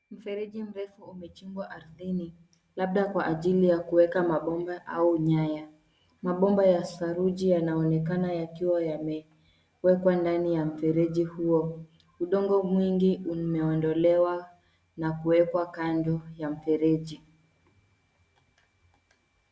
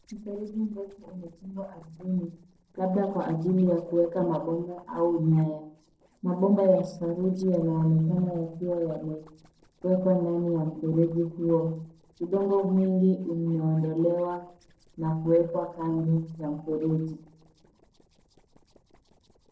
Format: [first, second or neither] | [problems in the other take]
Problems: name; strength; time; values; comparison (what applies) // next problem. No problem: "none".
first | noise reduction (neural separator model SepFormer DNS4)